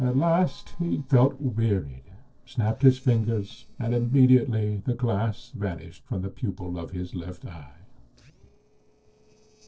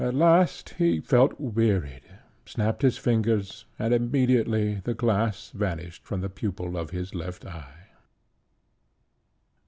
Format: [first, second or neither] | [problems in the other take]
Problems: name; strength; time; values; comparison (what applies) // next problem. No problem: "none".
second | noise reduction (neural separator model SepFormer DNS4)